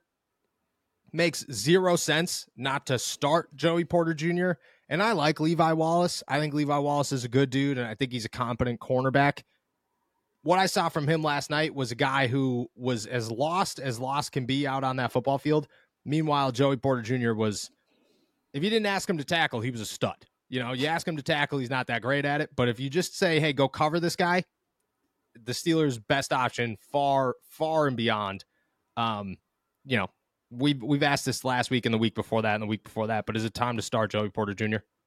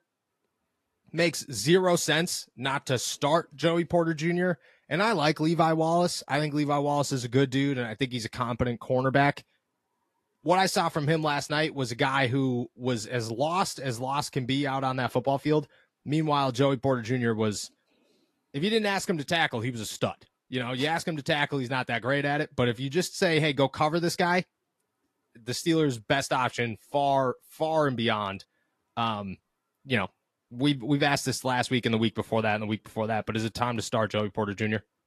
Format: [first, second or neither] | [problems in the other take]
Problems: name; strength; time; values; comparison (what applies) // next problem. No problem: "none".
first | garbled, watery; slightly; nothing above 12.5 kHz